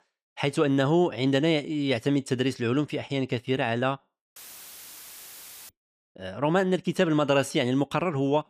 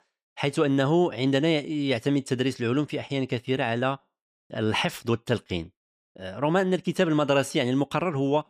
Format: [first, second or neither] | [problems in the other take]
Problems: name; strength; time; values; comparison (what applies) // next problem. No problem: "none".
second | audio cutting out; filled with static; at 4.5 s for 1.5 s